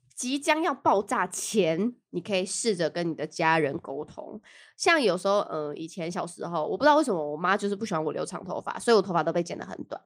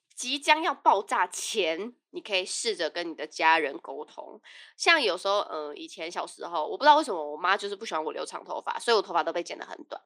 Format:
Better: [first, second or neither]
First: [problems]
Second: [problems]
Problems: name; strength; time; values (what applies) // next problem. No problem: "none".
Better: first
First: none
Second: thin; somewhat; fading below 300 Hz